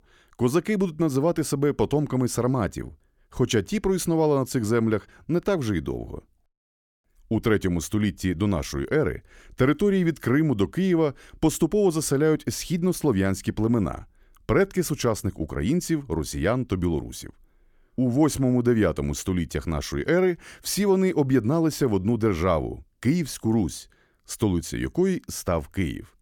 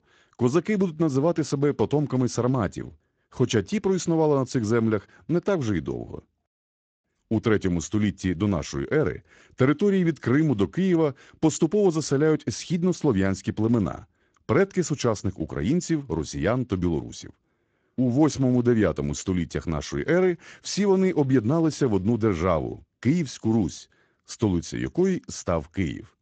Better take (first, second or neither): first